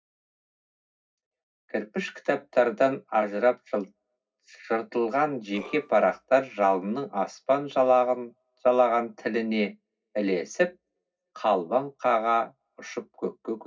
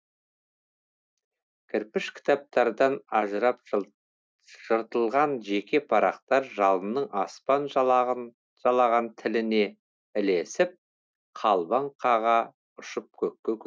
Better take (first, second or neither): second